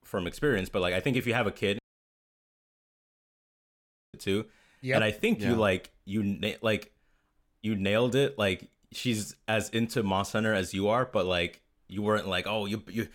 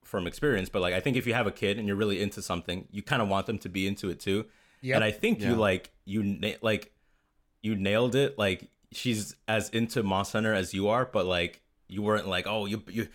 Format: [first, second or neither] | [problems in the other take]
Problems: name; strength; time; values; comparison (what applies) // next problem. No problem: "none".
second | audio cutting out; at 2 s for 2.5 s